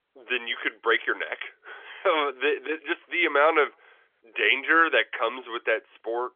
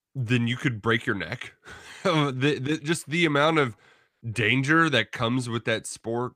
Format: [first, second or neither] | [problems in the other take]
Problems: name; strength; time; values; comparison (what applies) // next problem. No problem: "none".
second | phone-call audio; nothing above 3.5 kHz